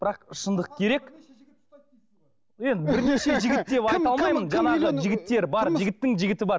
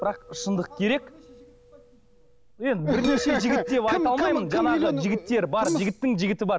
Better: first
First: none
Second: background sound (Chime + Rattle (instrument)); 15 dB below the speech

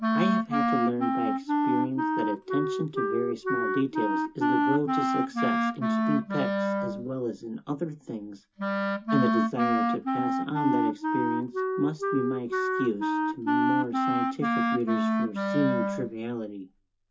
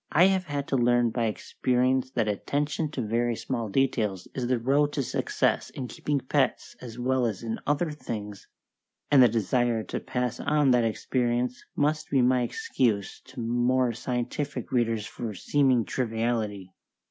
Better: second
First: background sound (Wind instrument, woodwind instrument); 4 dB above the speech // room echo; dies away in 0.2 s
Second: none

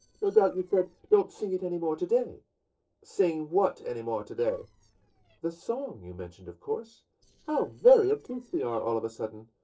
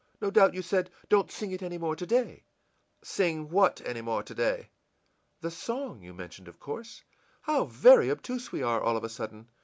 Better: second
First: noise reduction (neural separator model SepFormer DNS4)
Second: none

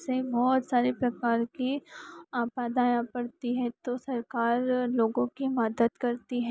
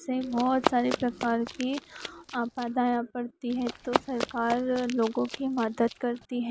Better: first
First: none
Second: background sound (Run); 8 dB below the speech

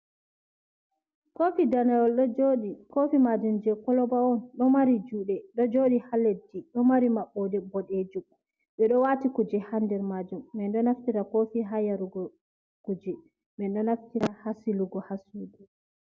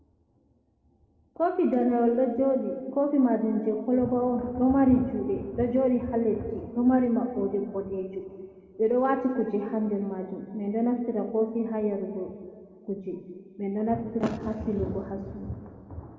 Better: first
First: none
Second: background sound (Thunder); 17 dB below the speech // room echo; dies away in 1.9 s

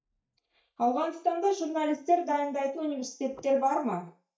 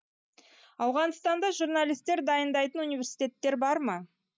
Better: second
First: noise reduction (neural mask model DeepFilterNet 3)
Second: none

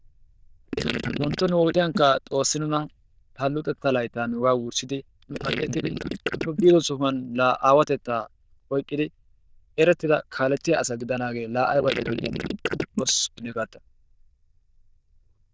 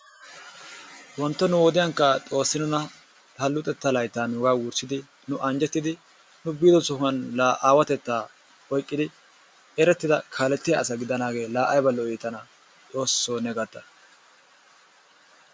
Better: second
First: noise reduction (neural diffusion model UNIVERSE++)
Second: none

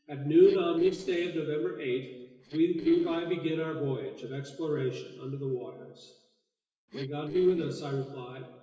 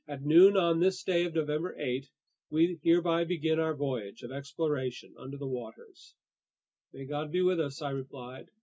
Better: second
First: noise reduction (neural separator model SepFormer DNS4)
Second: none

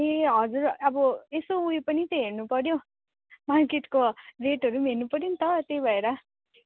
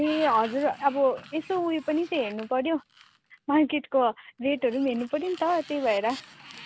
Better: first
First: none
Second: background sound (Sliding door); 20 dB below the speech

